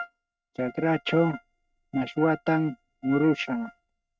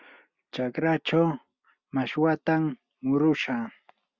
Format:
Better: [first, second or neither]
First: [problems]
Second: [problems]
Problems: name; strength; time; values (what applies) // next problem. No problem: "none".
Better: second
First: noise reduction (neural mask model RNNoise)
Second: none